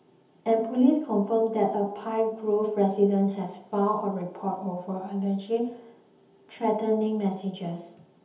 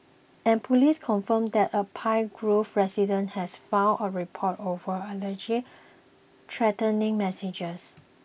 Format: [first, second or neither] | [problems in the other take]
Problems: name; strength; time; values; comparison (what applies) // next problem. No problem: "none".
second | room echo; dies away in 0.8 s